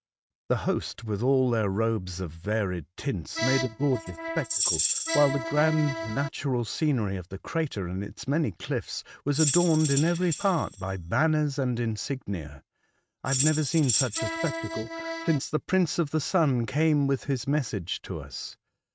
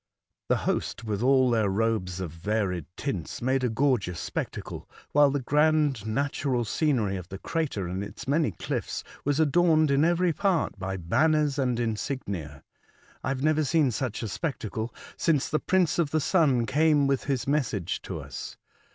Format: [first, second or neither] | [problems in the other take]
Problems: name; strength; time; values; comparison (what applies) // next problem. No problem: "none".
second | noise reduction (neural mask model RNNoise)